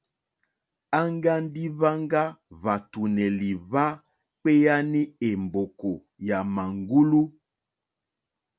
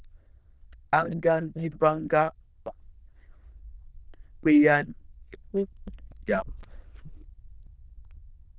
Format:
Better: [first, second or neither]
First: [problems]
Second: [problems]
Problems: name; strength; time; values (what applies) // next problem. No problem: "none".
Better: first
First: none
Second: noise reduction (neural diffusion model UNIVERSE++)